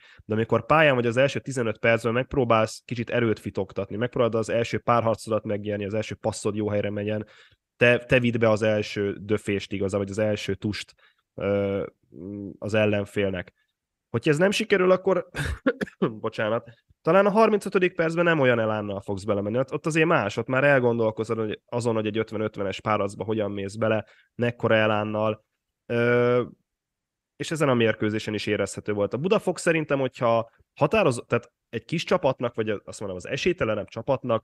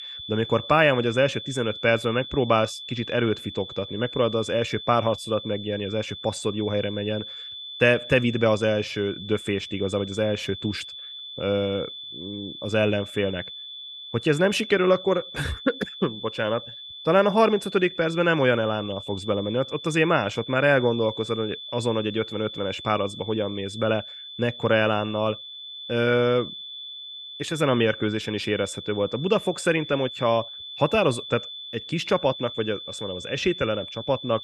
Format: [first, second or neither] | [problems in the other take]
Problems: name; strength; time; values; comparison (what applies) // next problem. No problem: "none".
first | high-pitched whine; noticeable; throughout; 3.5 kHz, 10 dB below the speech